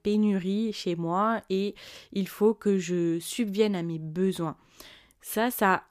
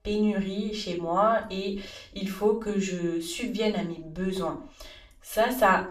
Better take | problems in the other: first | room echo; slight; dies away in 0.4 s // off-mic speech; far

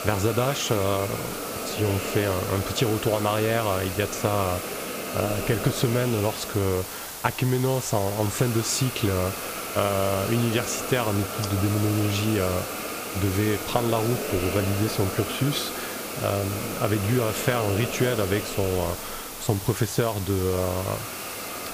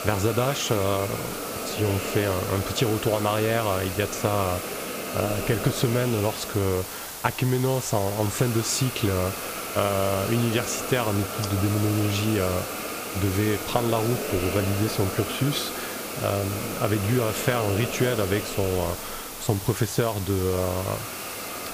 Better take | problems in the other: neither | hiss; loud; throughout; 5 dB below the speech; the same in both

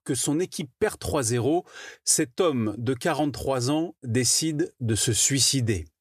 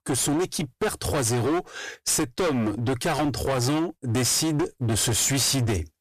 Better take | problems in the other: first | distortion; heavy; 30% of the sound clipped

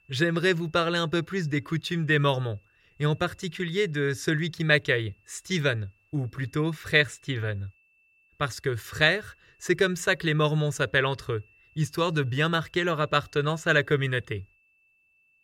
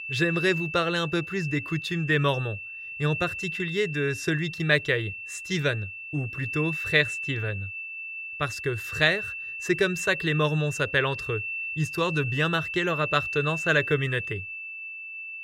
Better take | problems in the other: first | high-pitched whine; loud; throughout; 2.5 kHz, 6 dB below the speech; faint in the first

